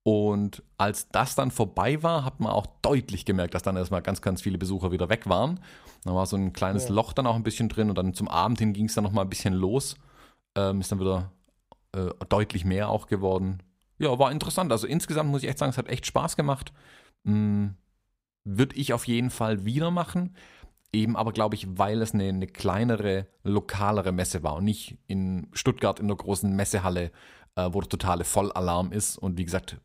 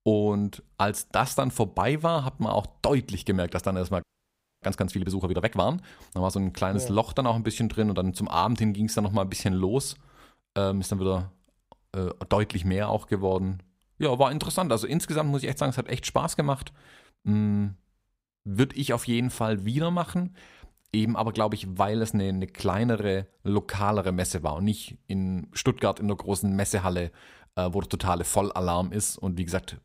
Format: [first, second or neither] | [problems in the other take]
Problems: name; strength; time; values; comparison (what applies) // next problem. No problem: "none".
first | audio freezing; at 4 s for 0.5 s